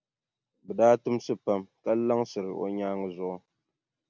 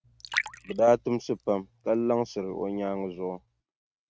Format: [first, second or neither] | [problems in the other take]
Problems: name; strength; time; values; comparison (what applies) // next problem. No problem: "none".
first | noise reduction (neural mask model RNNoise)